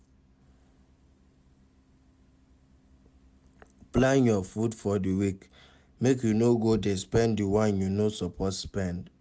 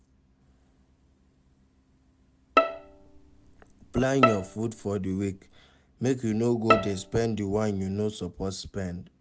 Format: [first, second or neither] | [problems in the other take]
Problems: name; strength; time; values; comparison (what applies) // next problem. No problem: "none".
first | background sound (Bowed string instrument); 1 dB above the speech